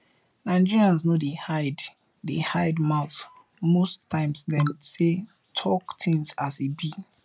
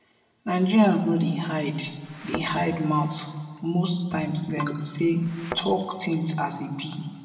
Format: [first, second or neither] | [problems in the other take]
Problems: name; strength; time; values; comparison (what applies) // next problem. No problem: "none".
first | background sound (Thump, thud); 13 dB below the speech // room echo; dies away in 1.4 s